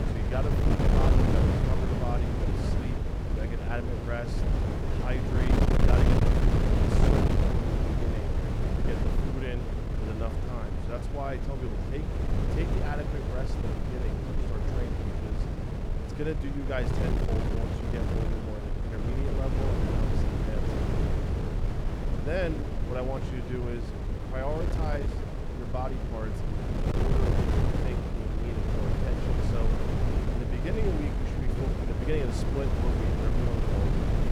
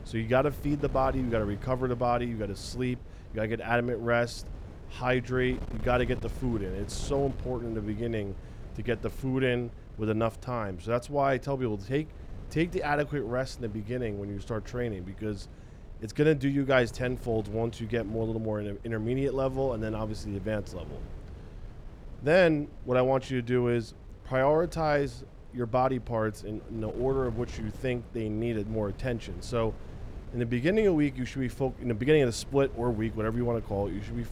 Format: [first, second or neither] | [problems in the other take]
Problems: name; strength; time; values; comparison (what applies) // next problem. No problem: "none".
second | wind noise on the microphone; heavy; 2 dB above the speech; occasional gusts in the second